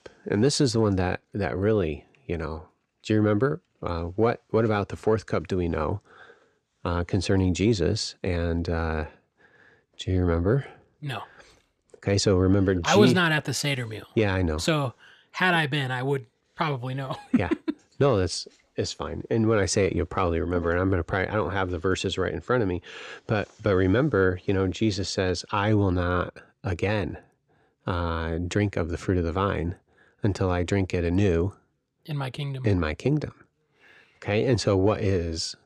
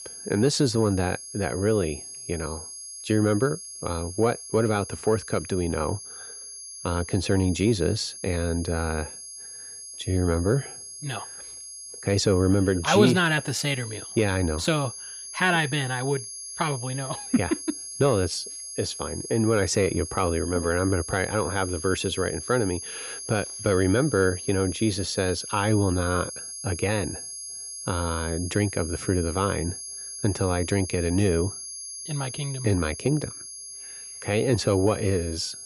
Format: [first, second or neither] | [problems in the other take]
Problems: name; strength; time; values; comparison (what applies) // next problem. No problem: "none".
first | high-pitched whine; loud; throughout; 10.5 kHz, 10 dB below the speech